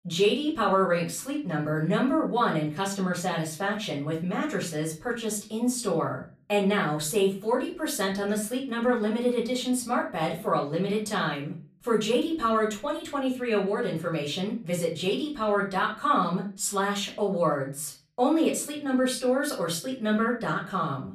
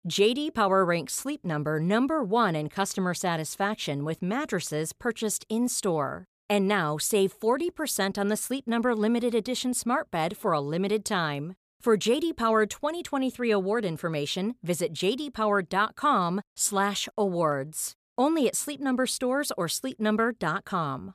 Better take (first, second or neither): second